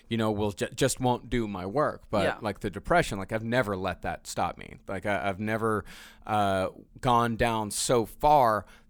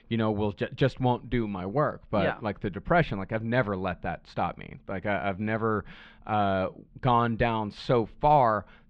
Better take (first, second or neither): first